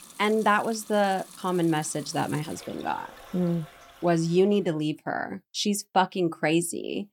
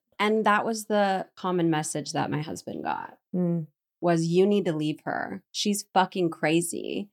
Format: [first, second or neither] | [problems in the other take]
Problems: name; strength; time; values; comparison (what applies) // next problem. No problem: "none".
second | household noises; noticeable; until 4.5 s; 20 dB below the speech